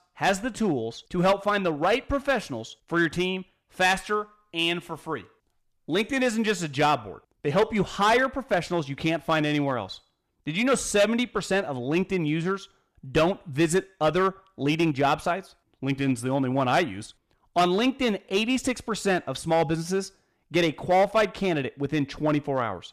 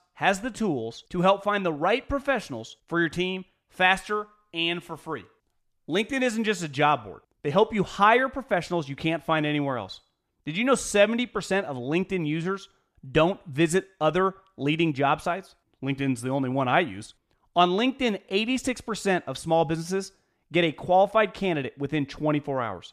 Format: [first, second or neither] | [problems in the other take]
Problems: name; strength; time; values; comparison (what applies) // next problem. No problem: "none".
second | distortion; slight; 4% of the sound clipped